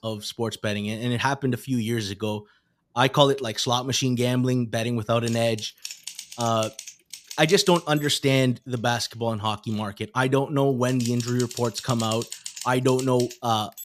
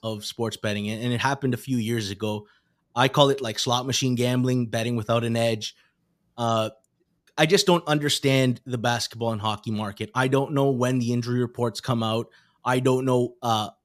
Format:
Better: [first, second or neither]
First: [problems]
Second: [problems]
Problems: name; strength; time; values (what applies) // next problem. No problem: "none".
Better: second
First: keyboard typing; noticeable; from 5.5 s on; peak 10 dB below the speech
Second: none